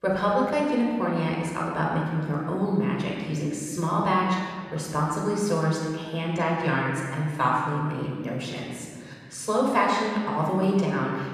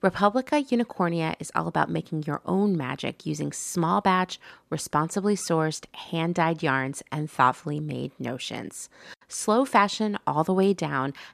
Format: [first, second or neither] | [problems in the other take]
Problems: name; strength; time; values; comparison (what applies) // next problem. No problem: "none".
second | off-mic speech; far // room echo; noticeable; dies away in 1.9 s